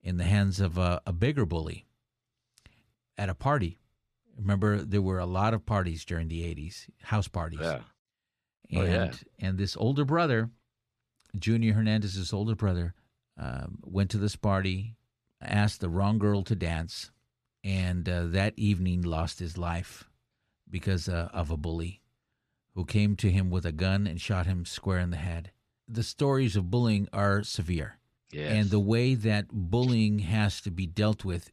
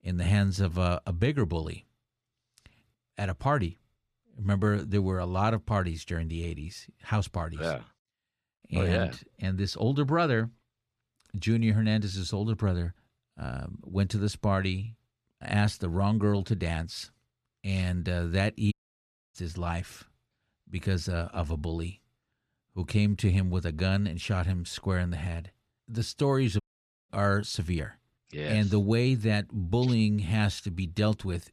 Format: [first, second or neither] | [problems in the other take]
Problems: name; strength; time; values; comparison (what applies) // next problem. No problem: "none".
first | audio cutting out; at 19 s for 0.5 s and at 27 s